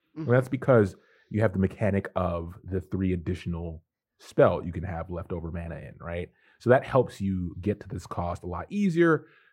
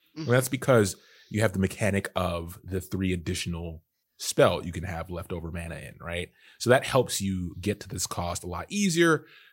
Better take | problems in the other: second | muffled; very; fading above 2.5 kHz

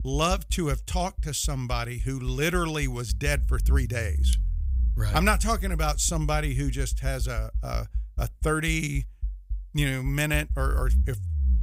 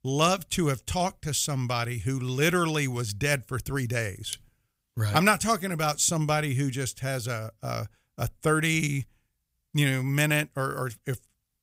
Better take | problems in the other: second | low rumble; faint; throughout; 20 dB below the speech

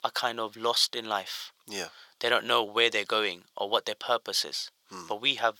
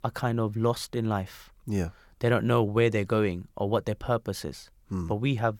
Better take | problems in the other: second | thin; very; fading below 700 Hz

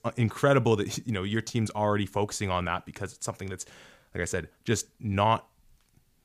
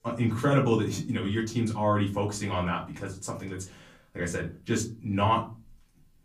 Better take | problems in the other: first | off-mic speech; far // room echo; very slight; dies away in 0.3 s

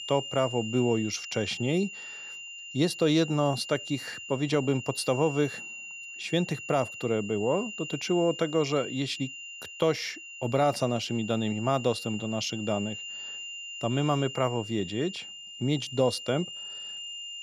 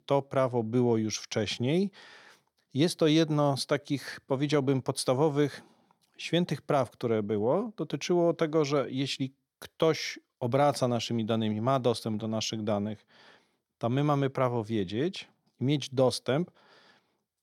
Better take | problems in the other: second | high-pitched whine; loud; throughout; 3 kHz, 9 dB below the speech

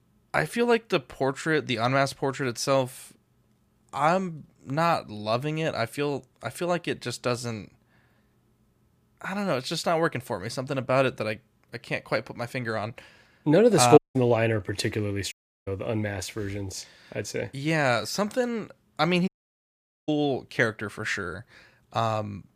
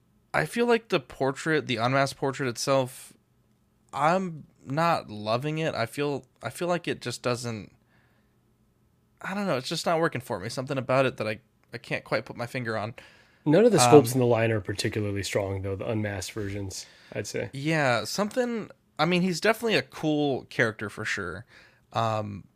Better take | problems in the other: second | audio cutting out; at 14 s, at 15 s and at 19 s for 1 s

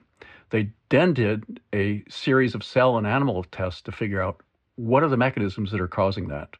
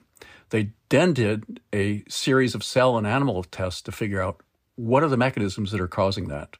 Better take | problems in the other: second | muffled; slightly; fading above 2.5 kHz

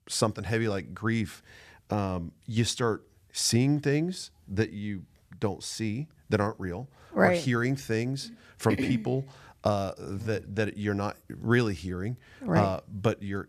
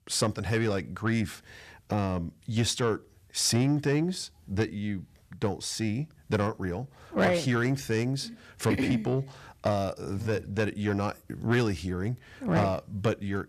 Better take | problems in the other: first | distortion; slight; 10 dB below the speech

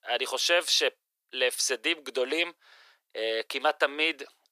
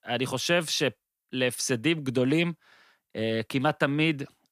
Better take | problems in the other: second | thin; very; fading below 400 Hz

